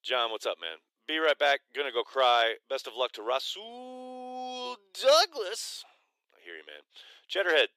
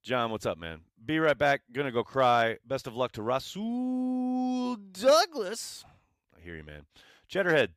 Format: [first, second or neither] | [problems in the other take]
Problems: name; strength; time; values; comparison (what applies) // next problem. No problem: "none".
second | thin; very; fading below 350 Hz